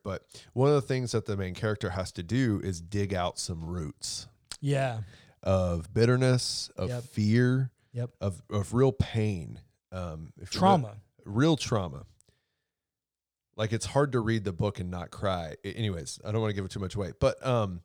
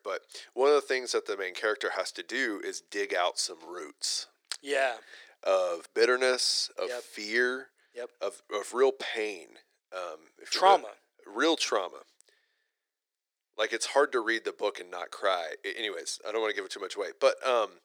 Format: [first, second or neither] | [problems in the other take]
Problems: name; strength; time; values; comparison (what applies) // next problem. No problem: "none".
first | thin; very; fading below 350 Hz